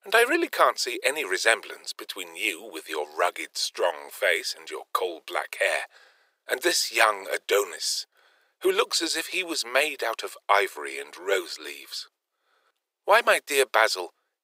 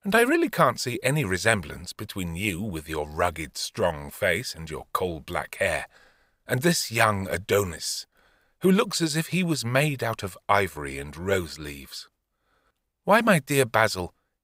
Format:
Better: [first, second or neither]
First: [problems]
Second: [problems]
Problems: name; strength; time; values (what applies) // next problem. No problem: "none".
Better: second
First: thin; very; fading below 350 Hz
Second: none